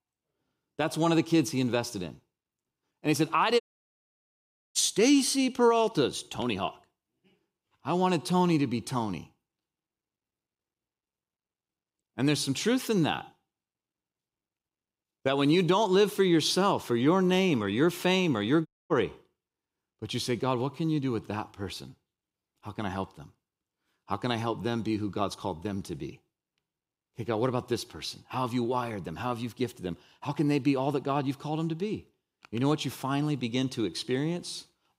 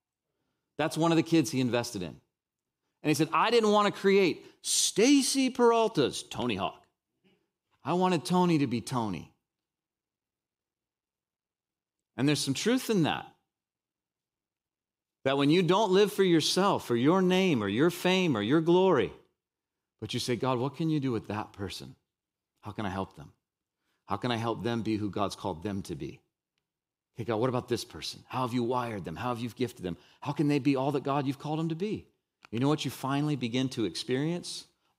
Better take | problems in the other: second | audio cutting out; at 3.5 s for 1 s and at 19 s

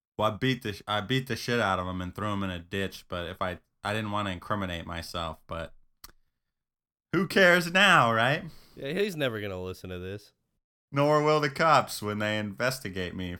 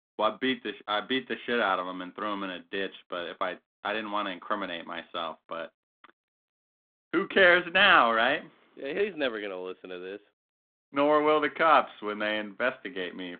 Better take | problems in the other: first | phone-call audio; nothing above 3.5 kHz

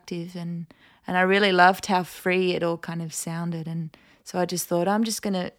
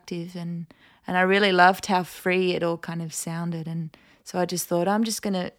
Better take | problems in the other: neither | none

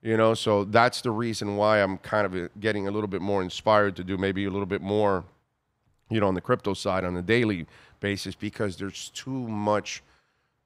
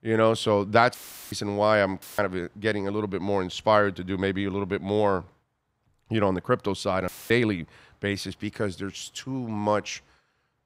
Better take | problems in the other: first | audio cutting out; filled with static; at 1 s, at 2 s and at 7 s

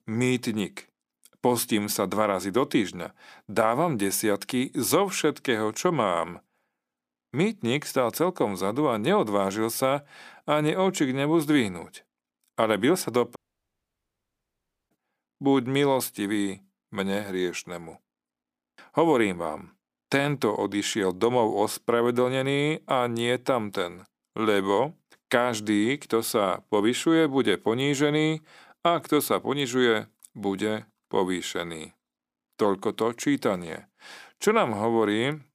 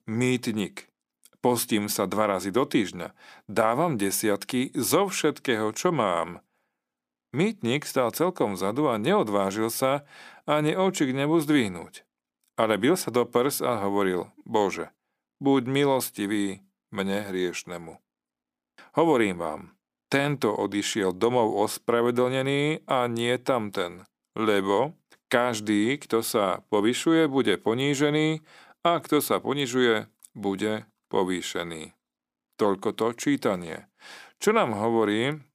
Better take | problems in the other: second | audio cutting out; at 13 s for 1.5 s

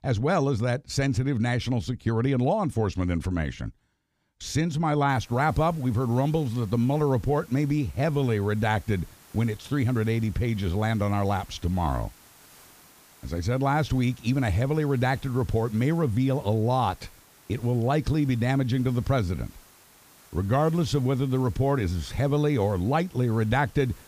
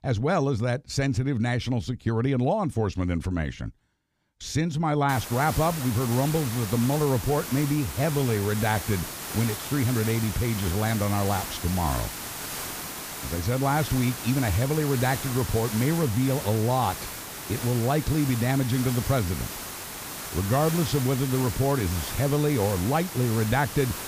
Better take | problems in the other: first | hiss; loud; from 5 s on; 7 dB below the speech; faint in the first

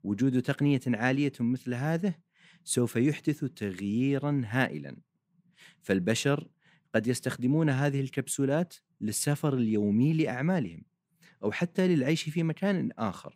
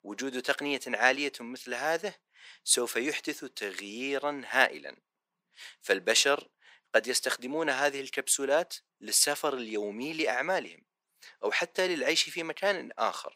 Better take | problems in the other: first | thin; very; fading below 500 Hz

